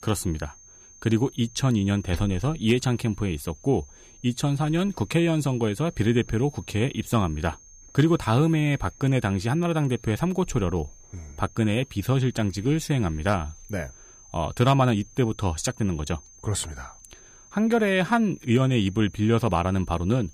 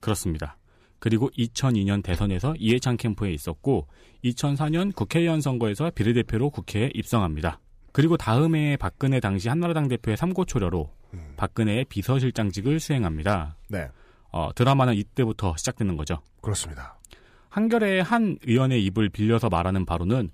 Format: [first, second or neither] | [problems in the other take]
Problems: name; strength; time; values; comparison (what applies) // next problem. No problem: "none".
second | high-pitched whine; faint; throughout; 6.5 kHz, 25 dB below the speech